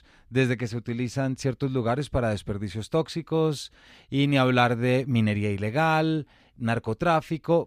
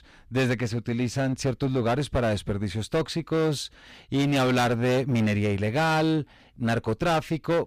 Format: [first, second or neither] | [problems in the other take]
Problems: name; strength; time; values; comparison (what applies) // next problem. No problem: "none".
first | distortion; heavy; 16% of the sound clipped